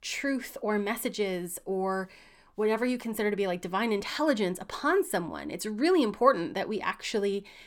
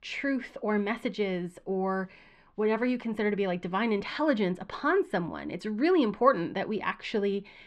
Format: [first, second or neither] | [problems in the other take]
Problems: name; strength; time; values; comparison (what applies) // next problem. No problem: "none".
first | muffled; very slightly; fading above 3 kHz